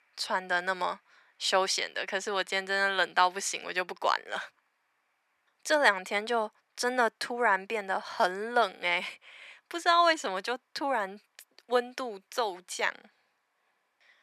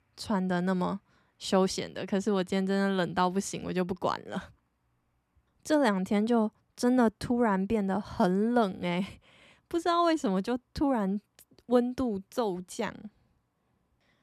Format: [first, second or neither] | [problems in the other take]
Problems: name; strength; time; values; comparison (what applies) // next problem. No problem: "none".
second | thin; very; fading below 700 Hz